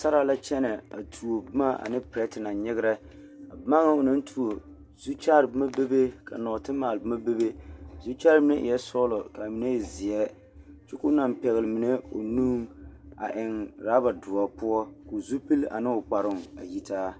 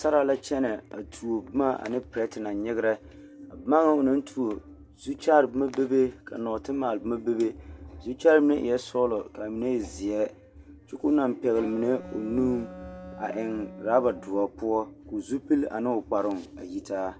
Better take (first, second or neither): first